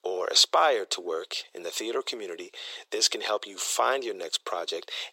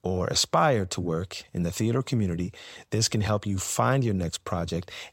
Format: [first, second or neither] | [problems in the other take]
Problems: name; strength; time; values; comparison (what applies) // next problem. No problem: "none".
second | thin; very; fading below 350 Hz